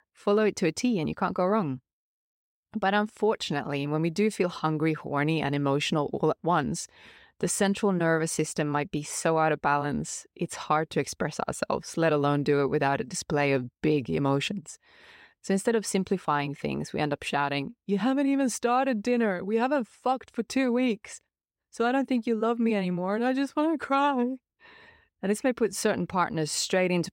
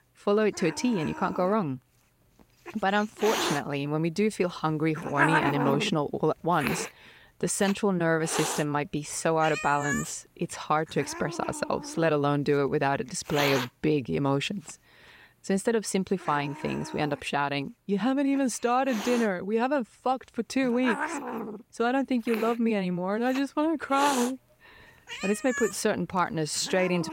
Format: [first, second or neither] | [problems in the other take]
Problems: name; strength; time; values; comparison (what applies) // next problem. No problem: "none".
first | hiss; loud; throughout; 6 dB below the speech